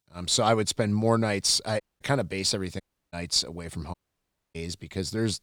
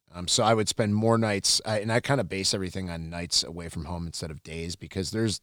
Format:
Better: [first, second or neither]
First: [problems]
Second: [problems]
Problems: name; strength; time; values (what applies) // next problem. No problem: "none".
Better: second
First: audio cutting out; at 2 s, at 3 s and at 4 s for 0.5 s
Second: none